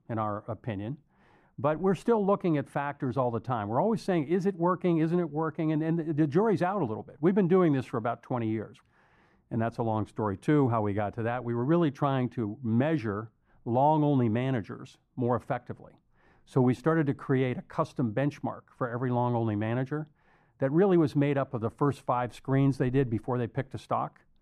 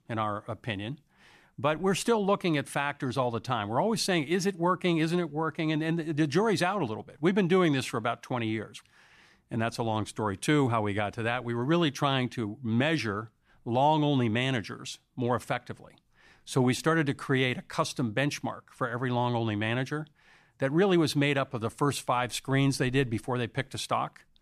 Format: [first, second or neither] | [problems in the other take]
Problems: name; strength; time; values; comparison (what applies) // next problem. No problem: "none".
second | muffled; very; fading above 2 kHz